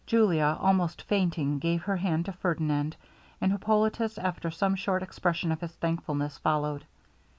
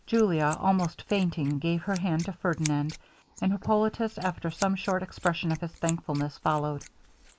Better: first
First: none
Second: noise reduction (neural mask model Resemble Enhance denoiser)

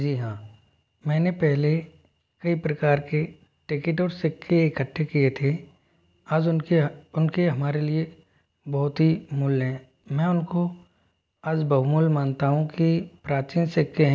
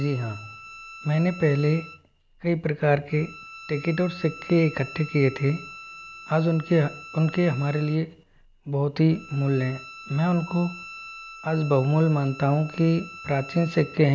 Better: first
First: none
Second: background sound (Bowed string instrument); 18 dB below the speech

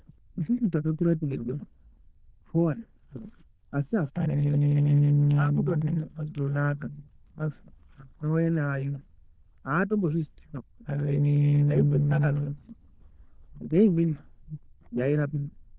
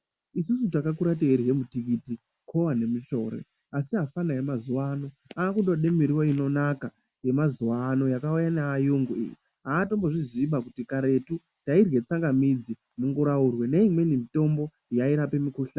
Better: second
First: noise reduction (neural diffusion model UNIVERSE++)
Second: none

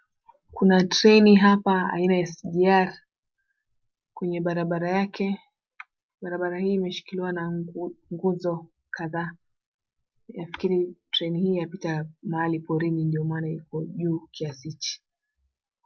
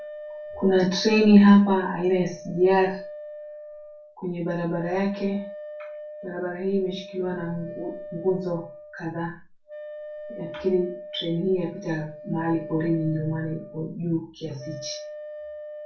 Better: first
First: none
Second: background sound (Wind instrument, woodwind instrument); 15 dB below the speech // room echo; dies away in 0.3 s

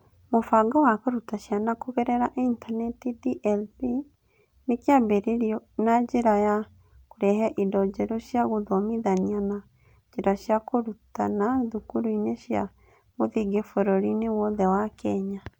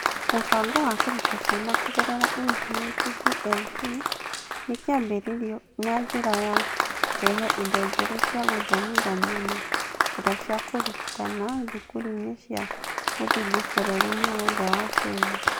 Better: first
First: none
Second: background sound (Applause); 2 dB above the speech

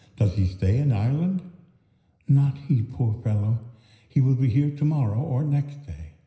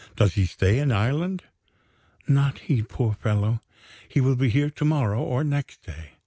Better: second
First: room echo; dies away in 0.9 s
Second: none

